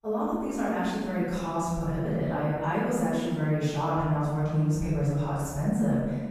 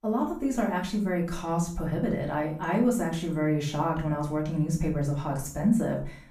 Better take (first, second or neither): second